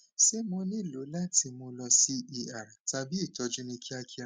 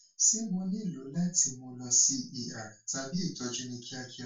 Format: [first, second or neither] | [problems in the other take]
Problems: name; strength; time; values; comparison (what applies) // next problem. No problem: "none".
first | room echo; dies away in 0.2 s